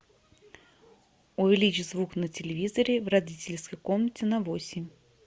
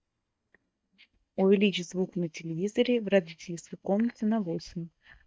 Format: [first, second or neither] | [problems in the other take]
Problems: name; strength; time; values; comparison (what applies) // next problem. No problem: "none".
first | noise reduction (neural mask model DeepFilterNet 3)